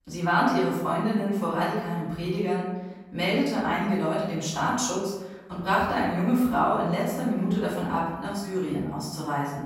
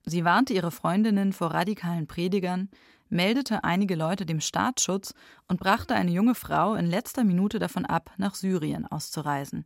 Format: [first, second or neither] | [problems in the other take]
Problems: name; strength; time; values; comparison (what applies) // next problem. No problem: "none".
second | off-mic speech; far // room echo; noticeable; dies away in 1 s